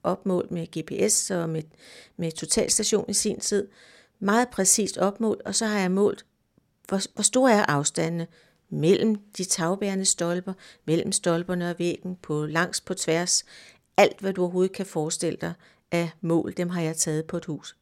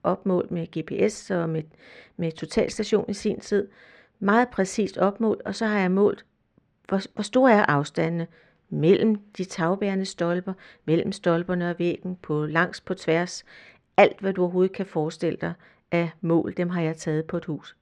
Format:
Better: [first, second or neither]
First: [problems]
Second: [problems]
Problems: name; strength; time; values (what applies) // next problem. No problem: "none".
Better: first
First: none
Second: muffled; very; fading above 2.5 kHz